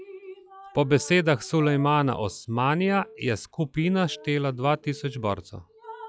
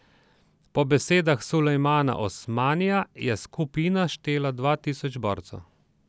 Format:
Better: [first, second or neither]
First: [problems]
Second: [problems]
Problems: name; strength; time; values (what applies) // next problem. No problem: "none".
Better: second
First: noise reduction (classical method log-MMSE)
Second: none